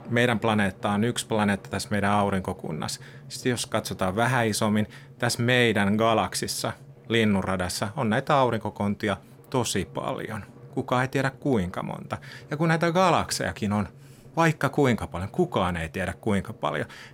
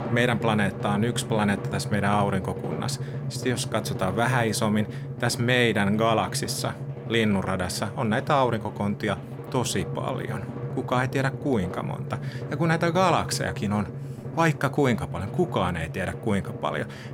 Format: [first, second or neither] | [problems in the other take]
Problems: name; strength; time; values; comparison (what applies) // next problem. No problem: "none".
first | background music; loud; throughout; 8 dB below the speech; faint in the first